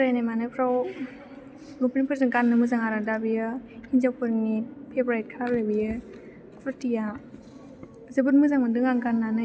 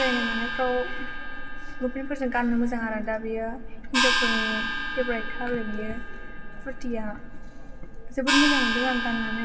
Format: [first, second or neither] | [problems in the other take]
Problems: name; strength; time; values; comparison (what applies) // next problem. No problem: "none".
first | background sound (Gong); 1 dB above the speech // room echo; dies away in 1.8 s